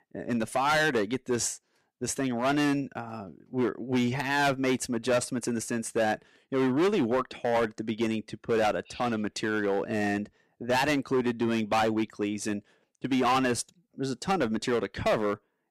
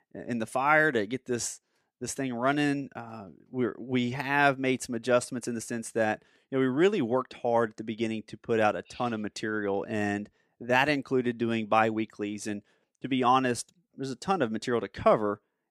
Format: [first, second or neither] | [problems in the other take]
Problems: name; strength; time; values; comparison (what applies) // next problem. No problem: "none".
second | distortion; heavy; 9% of the sound clipped